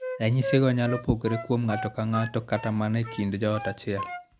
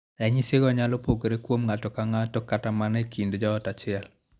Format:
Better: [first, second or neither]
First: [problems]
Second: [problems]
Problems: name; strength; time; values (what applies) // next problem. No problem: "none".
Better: second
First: background sound (Wind instrument, woodwind instrument); 11 dB below the speech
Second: none